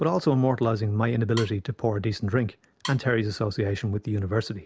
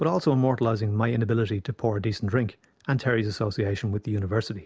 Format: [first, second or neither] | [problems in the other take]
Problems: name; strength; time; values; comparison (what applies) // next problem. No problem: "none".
second | background sound (Wood); 17 dB below the speech